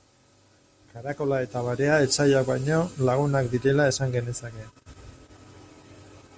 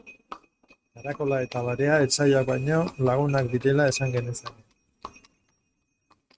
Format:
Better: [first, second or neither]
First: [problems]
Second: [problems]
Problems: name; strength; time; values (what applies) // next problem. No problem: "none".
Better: first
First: none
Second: noise reduction (neural mask model RNNoise)